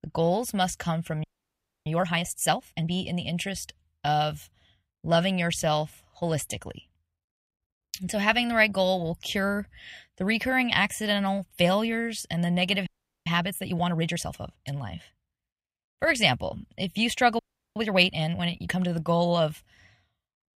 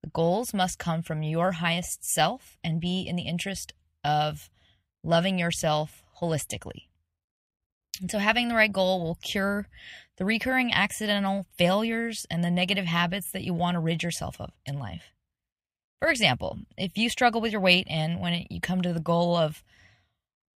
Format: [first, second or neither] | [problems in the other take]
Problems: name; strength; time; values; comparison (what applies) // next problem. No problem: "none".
second | audio freezing; at 1 s for 0.5 s, at 13 s and at 17 s